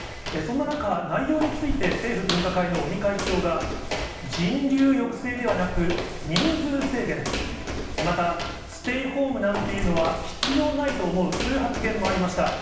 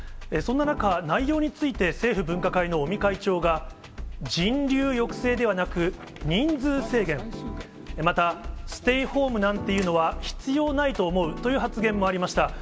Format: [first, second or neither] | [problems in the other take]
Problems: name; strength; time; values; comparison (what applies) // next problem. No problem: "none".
second | background sound (Walk, footsteps); 5 dB below the speech // room echo; dies away in 0.9 s